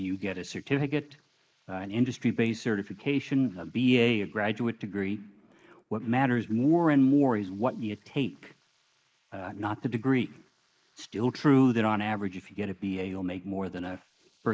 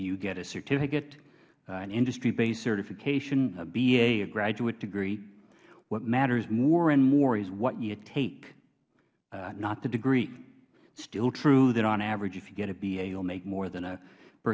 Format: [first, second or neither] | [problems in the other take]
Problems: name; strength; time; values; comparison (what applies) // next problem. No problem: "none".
second | noise reduction (neural mask model Resemble Enhance denoiser)